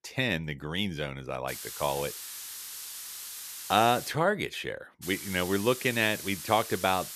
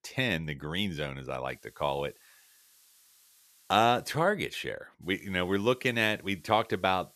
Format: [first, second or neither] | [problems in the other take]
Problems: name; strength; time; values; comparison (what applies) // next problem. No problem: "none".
second | hiss; loud; from 1.5 to 4 s and from 5 s on; 9 dB below the speech; faint in the second